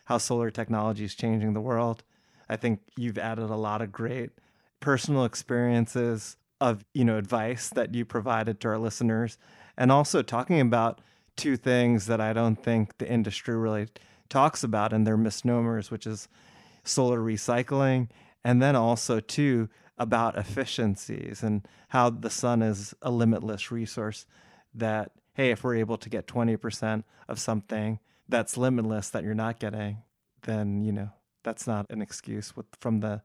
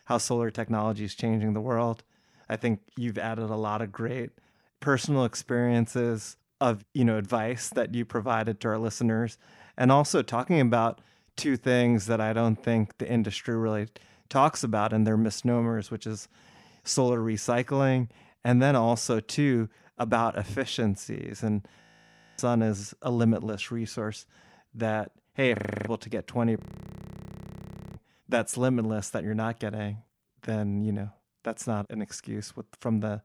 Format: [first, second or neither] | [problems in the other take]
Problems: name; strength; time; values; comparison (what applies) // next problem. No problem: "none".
first | audio freezing; at 22 s for 0.5 s, at 26 s and at 27 s for 1.5 s